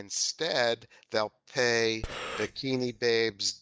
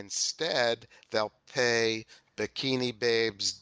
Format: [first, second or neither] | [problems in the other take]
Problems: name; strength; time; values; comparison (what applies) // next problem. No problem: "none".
second | noise reduction (neural mask model DeepFilterNet 3)